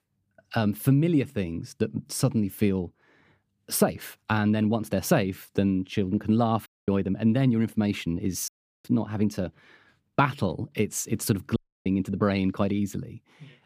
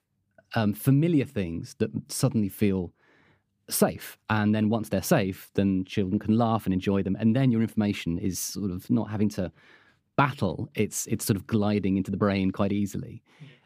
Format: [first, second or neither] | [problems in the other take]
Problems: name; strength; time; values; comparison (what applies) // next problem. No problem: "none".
second | audio cutting out; at 6.5 s, at 8.5 s and at 12 s